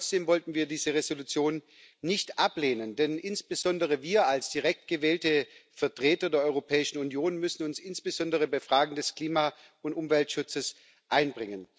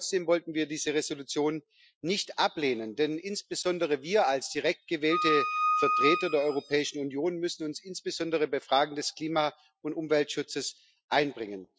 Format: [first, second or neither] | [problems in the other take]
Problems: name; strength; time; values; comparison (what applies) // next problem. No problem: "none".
first | noise reduction (classical method Wiener filter)